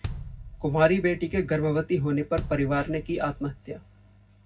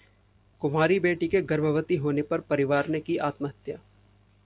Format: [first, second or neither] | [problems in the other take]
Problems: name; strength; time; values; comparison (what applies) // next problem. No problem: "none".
second | background sound (Bass drum); 13 dB below the speech // room echo; dies away in 0.4 s